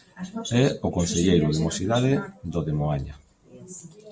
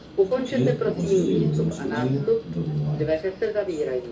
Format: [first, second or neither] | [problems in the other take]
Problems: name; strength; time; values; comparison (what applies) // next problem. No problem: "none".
first | background sound (Subway, metro, underground); 1 dB above the speech // room echo; dies away in 0.6 s